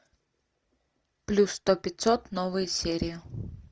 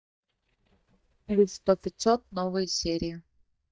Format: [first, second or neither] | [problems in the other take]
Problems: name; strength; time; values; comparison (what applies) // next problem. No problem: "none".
first | noise reduction (neural mask model DeepFilterNet 3)